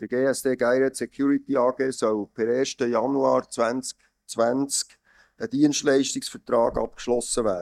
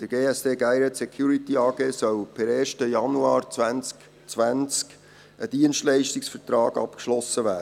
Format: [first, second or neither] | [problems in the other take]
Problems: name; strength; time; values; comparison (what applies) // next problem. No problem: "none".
second | noise reduction (neural mask model DeepFilterNet 3)